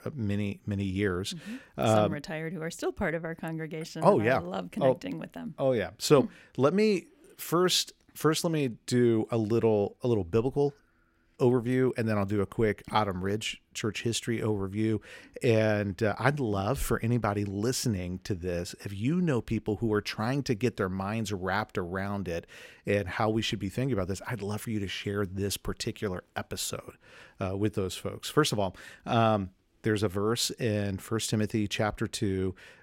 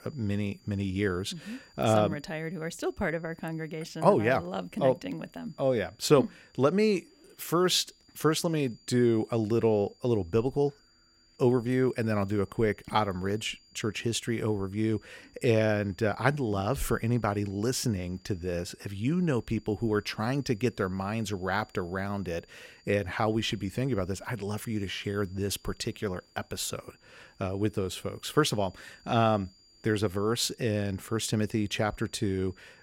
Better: first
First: none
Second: high-pitched whine; faint; throughout; 4.5 kHz, 30 dB below the speech

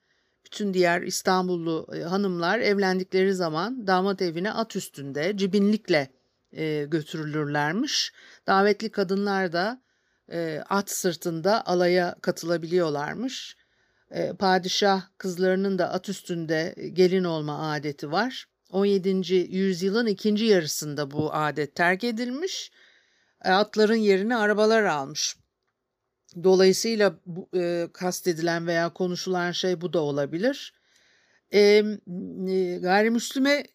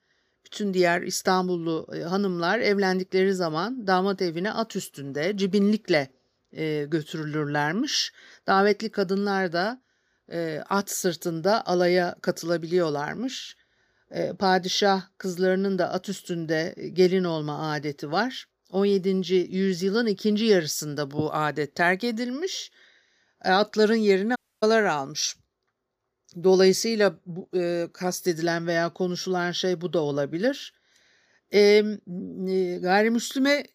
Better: first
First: none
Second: audio cutting out; at 24 s

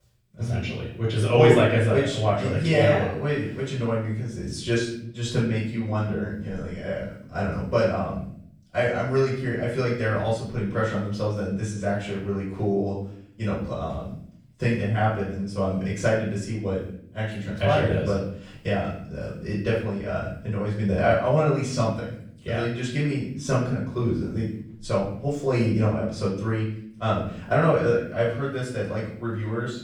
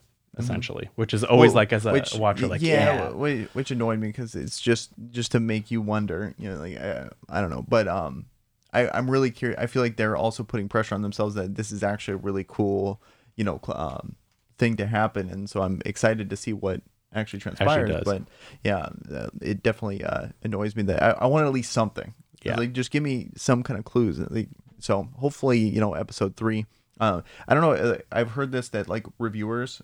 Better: second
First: off-mic speech; far // room echo; noticeable; dies away in 0.6 s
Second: none

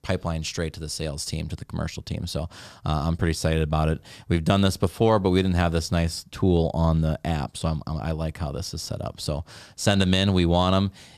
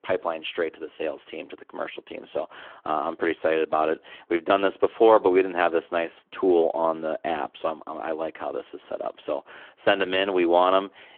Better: first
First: none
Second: phone-call audio

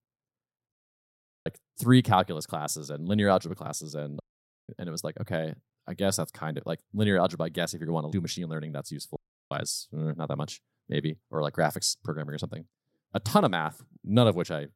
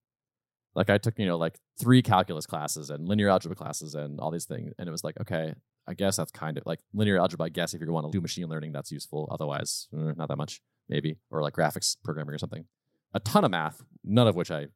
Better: second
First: audio cutting out; at 0.5 s for 0.5 s, at 4 s and at 9 s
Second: none

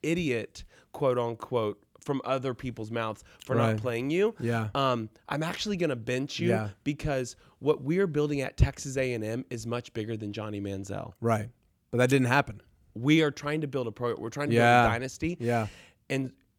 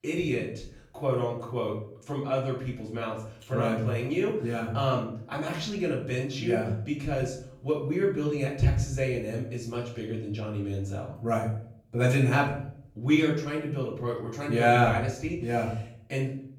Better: first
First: none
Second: off-mic speech; far // room echo; noticeable; dies away in 0.5 s

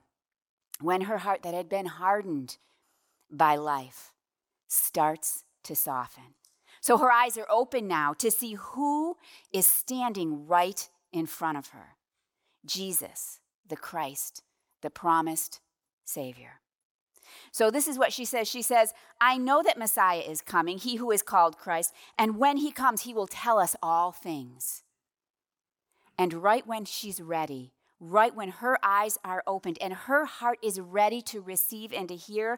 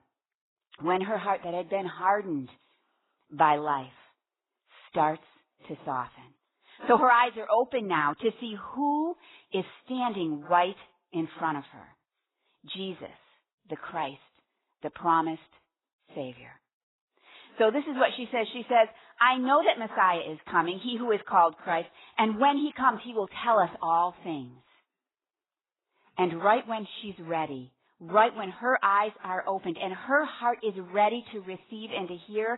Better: first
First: none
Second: garbled, watery; badly; nothing above 4 kHz

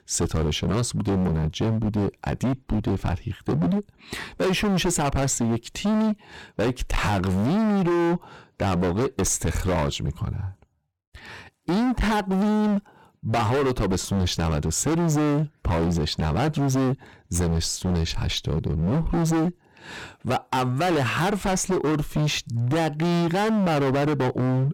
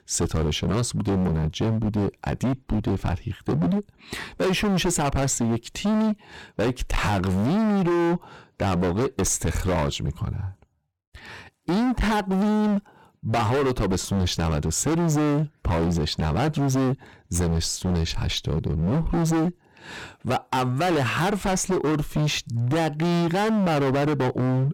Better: neither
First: distortion; heavy; 29% of the sound clipped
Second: distortion; heavy; 29% of the sound clipped

